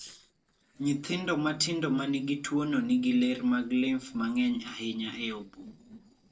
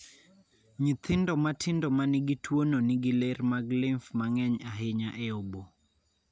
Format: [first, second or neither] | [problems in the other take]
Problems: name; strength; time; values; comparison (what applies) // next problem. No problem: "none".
second | noise reduction (neural separator model SepFormer DNS4)